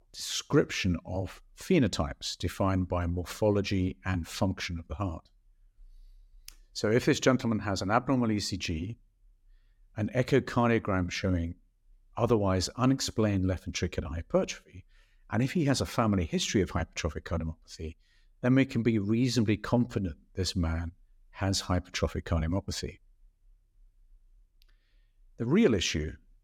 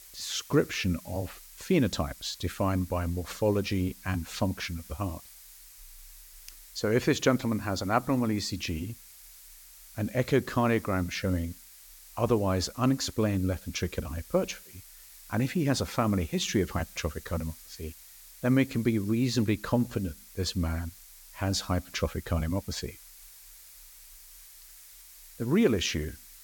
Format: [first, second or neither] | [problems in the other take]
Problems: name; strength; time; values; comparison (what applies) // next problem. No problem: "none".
first | hiss; noticeable; throughout; 20 dB below the speech